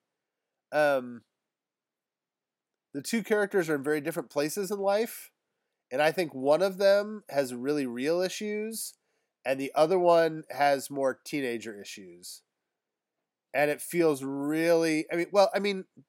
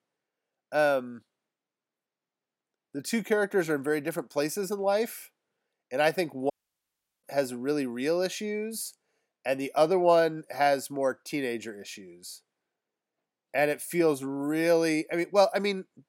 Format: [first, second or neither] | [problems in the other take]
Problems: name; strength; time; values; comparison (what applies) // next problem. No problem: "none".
first | audio cutting out; at 6.5 s for 0.5 s